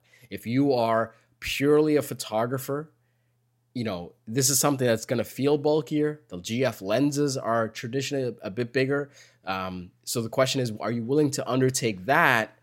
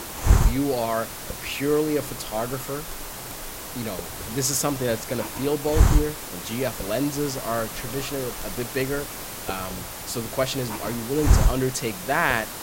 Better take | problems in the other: first | hiss; loud; throughout; 2 dB below the speech

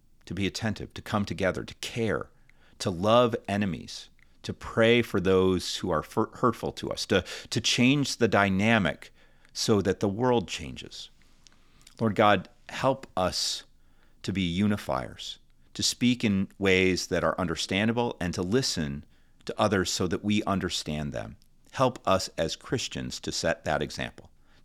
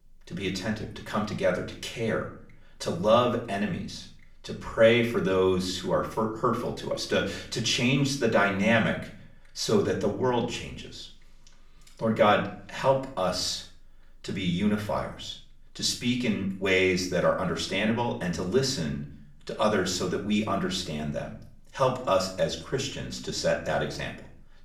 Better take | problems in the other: first | room echo; slight; dies away in 0.4 s // off-mic speech; far

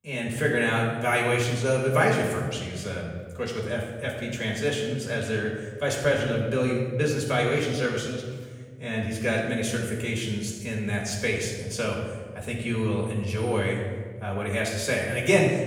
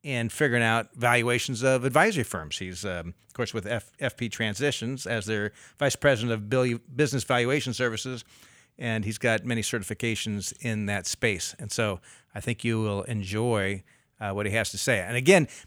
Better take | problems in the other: second | off-mic speech; far // room echo; noticeable; dies away in 1.4 s

